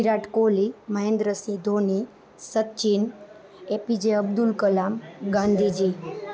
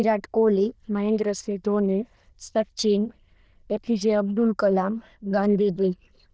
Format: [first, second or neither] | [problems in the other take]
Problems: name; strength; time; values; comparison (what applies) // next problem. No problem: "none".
first | noise reduction (neural diffusion model UNIVERSE++)